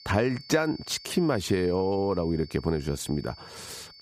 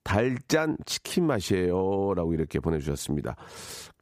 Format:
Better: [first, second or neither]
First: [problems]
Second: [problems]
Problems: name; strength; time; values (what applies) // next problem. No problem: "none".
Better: second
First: high-pitched whine; noticeable; throughout; 4.5 kHz, 20 dB below the speech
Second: none